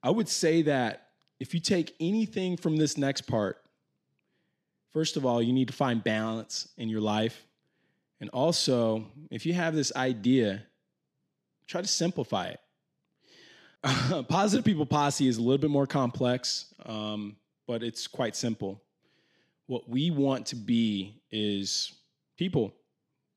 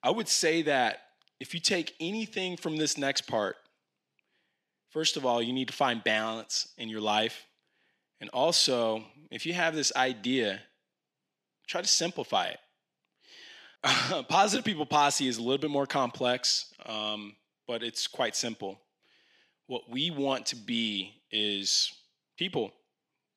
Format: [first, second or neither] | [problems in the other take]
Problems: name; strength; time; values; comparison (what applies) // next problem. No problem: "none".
first | thin; somewhat; fading below 750 Hz